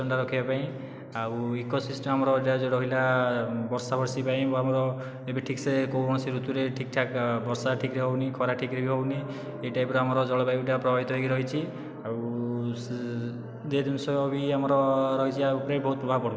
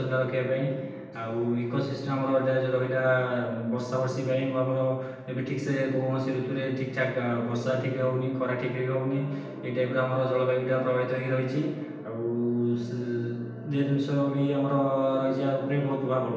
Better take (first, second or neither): first